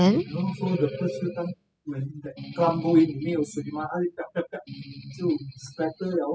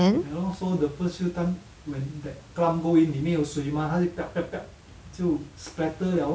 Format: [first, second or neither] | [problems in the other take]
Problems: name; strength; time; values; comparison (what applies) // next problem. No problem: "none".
second | noise reduction (classical method spectral subtraction)